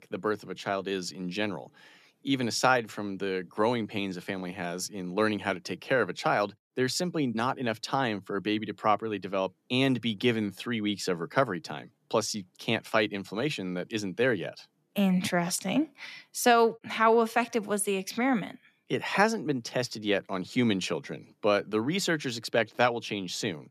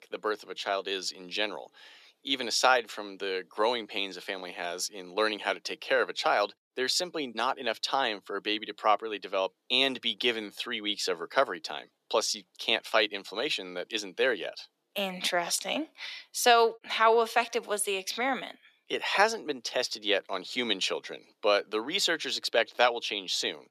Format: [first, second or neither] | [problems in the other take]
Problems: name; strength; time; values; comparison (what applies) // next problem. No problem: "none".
first | thin; somewhat; fading below 500 Hz